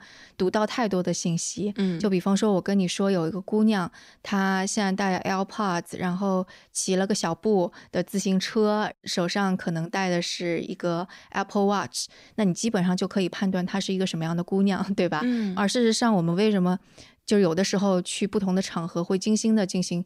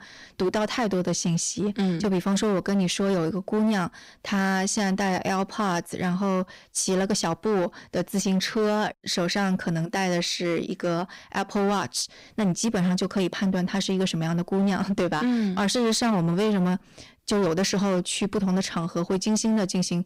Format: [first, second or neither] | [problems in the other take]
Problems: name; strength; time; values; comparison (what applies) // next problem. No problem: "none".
first | distortion; slight; 16% of the sound clipped